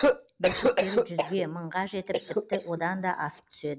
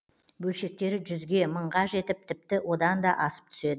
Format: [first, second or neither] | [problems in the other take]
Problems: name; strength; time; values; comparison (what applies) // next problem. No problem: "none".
second | noise reduction (neural mask model Resemble Enhance denoiser)